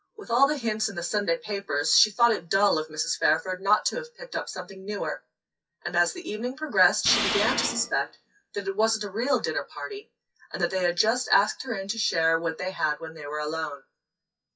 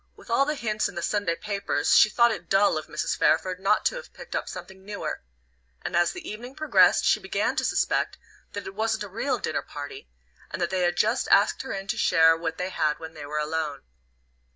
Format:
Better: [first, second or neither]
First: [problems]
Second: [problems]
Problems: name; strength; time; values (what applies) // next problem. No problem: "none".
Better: second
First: noise reduction (classical method WPE with log-MMSE)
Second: none